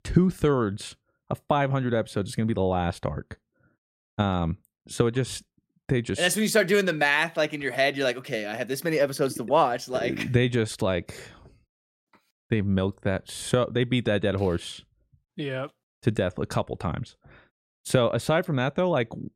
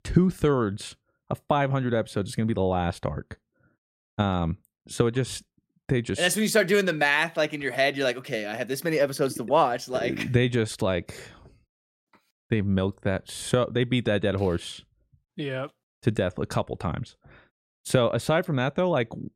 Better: neither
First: none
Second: none

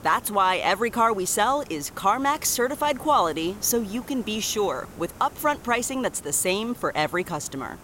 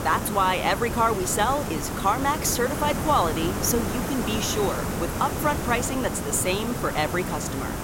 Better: first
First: hiss; faint; throughout; 20 dB below the speech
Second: hiss; loud; throughout; 4 dB below the speech

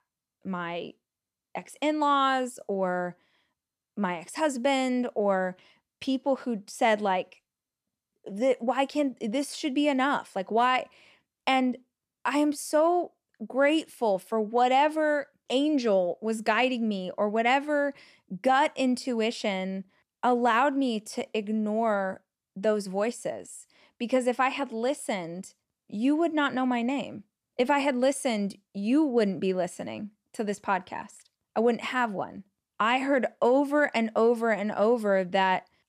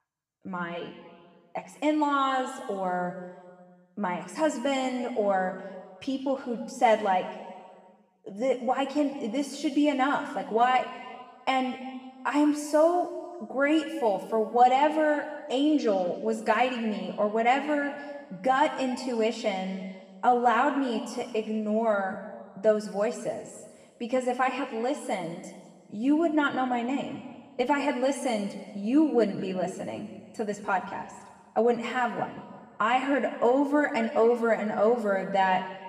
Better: first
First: none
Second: room echo; noticeable; dies away in 1.5 s // off-mic speech; somewhat distant

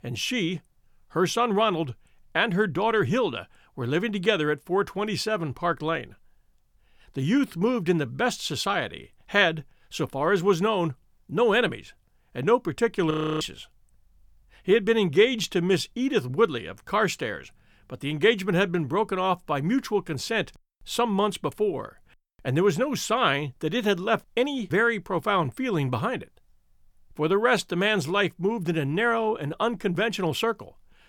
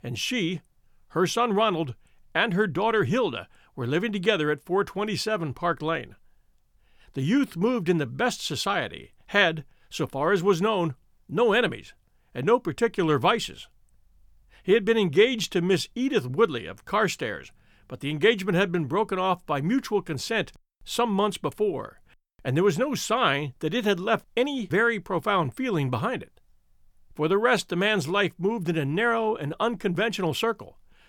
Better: second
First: audio freezing; at 13 s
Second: none

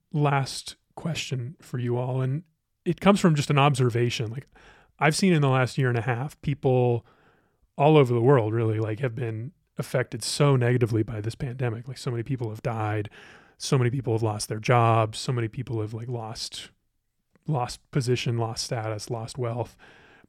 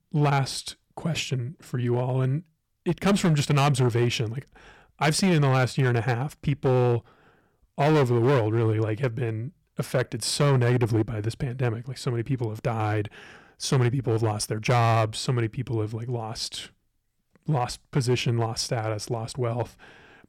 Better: first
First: none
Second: distortion; slight; 6% of the sound clipped

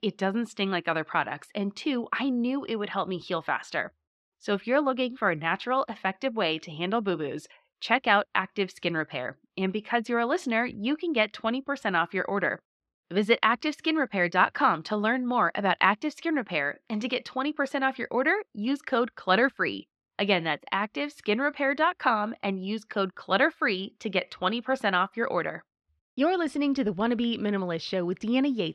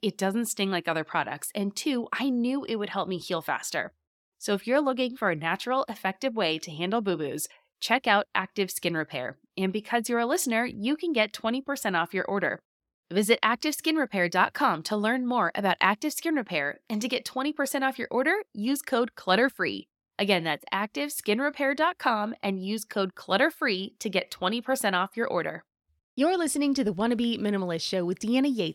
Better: second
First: muffled; slightly; fading above 3 kHz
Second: none

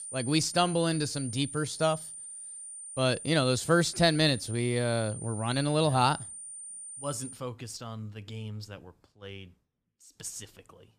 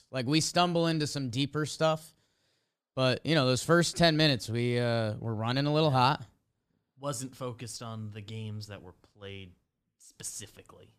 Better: second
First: high-pitched whine; noticeable; until 7.5 s; 9 kHz, 10 dB below the speech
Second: none

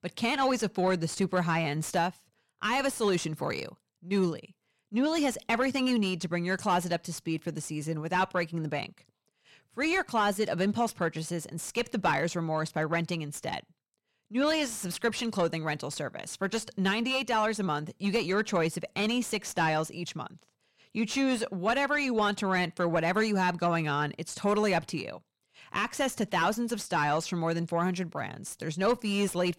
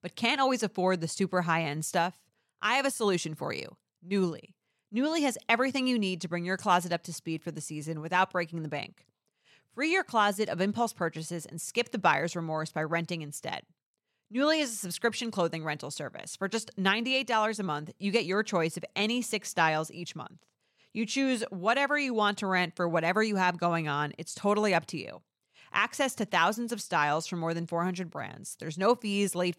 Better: second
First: distortion; slight; 10 dB below the speech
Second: none

